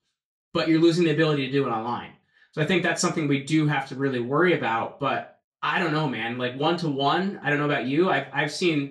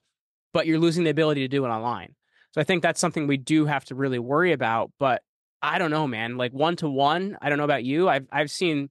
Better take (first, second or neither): second